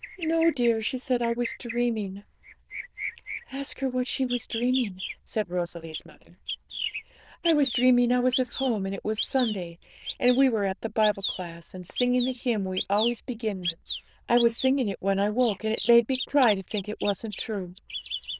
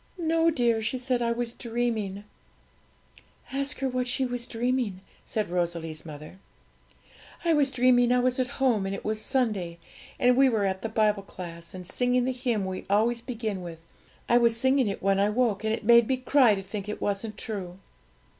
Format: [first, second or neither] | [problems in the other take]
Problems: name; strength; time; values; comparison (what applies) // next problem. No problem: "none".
second | noise reduction (neural diffusion model UNIVERSE++)